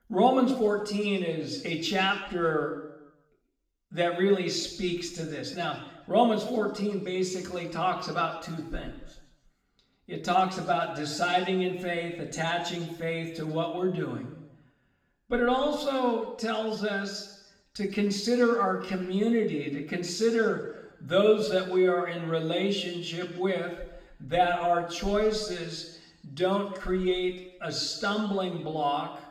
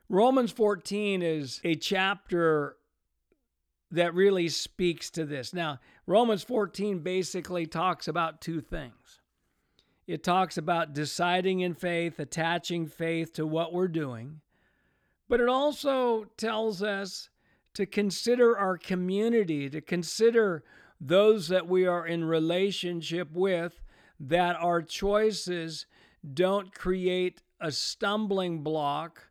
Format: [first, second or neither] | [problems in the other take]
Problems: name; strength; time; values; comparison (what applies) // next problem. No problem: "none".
second | room echo; noticeable; dies away in 0.9 s // off-mic speech; far